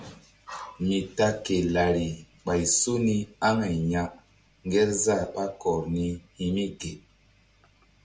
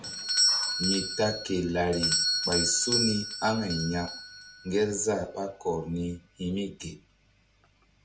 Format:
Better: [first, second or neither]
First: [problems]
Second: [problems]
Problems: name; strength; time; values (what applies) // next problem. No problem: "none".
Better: first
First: none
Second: background sound (Doorbell); 1 dB below the speech